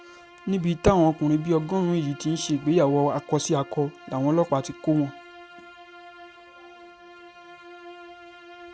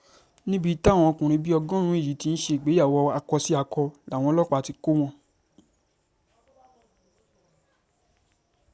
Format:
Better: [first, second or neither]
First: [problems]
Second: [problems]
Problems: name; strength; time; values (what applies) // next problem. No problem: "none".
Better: second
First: background sound (Bowed string instrument); 20 dB below the speech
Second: none